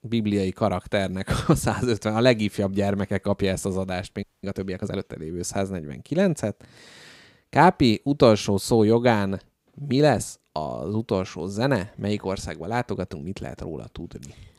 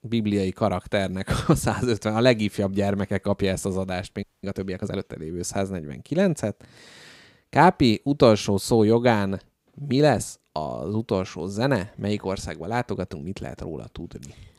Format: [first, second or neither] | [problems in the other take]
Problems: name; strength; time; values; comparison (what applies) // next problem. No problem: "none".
neither | audio freezing; at 4 s; the same in both